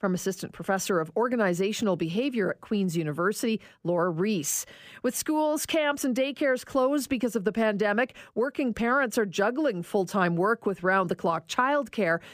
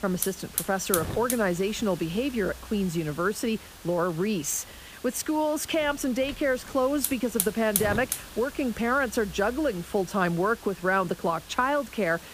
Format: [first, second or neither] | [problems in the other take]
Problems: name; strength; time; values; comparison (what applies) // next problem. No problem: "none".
first | hiss; loud; throughout; 9 dB below the speech